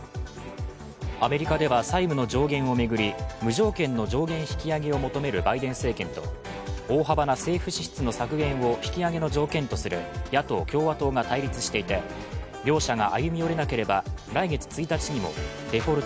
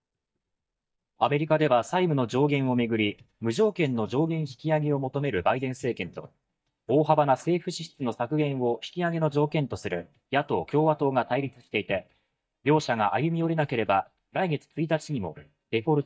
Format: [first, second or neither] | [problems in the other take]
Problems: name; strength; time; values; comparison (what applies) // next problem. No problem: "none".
first | noise reduction (neural mask model DeepFilterNet 3)